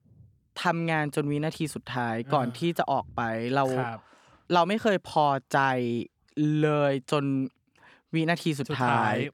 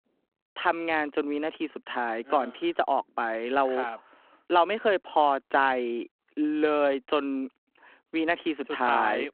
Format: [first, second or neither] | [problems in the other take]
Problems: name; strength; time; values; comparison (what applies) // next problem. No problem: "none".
first | phone-call audio